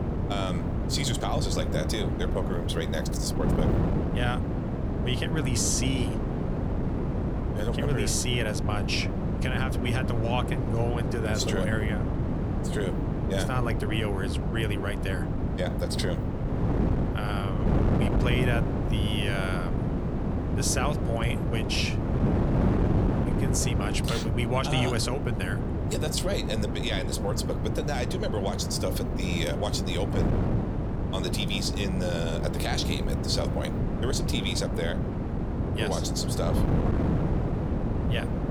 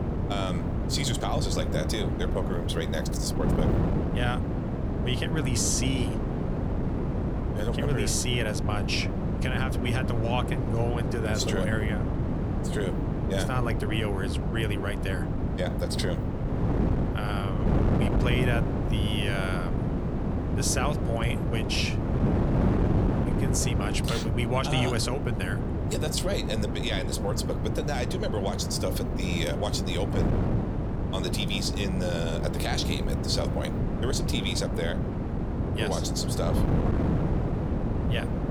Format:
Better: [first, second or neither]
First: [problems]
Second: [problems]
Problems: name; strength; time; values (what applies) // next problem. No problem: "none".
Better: neither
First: wind noise on the microphone; heavy; 3 dB below the speech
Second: wind noise on the microphone; heavy; 3 dB below the speech